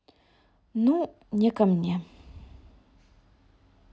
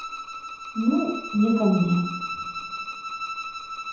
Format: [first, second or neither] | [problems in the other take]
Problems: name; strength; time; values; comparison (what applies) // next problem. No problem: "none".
first | background sound (Bowed string instrument); 8 dB below the speech // room echo; dies away in 0.8 s